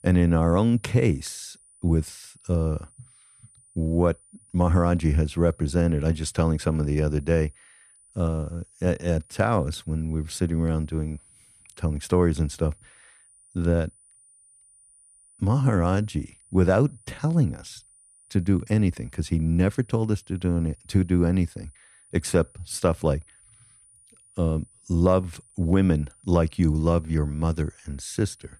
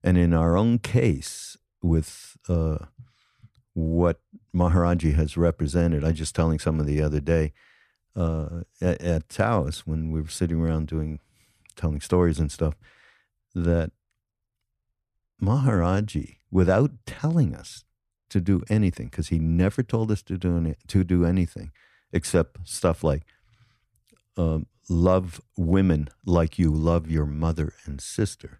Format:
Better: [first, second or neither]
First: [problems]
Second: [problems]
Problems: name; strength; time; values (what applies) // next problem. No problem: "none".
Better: second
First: high-pitched whine; faint; throughout; 9.5 kHz, 30 dB below the speech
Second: none